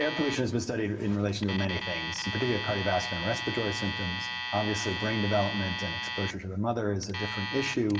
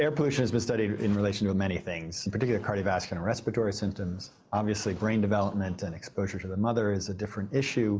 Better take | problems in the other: second | background sound (Alarm); 6 dB below the speech // room echo; dies away in 3 s

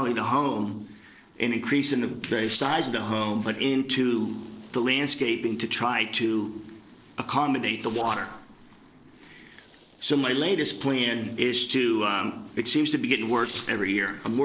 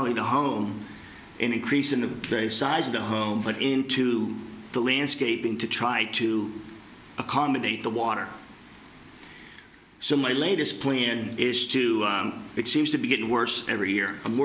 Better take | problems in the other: second | noise reduction (neural separator model SepFormer DNS4)

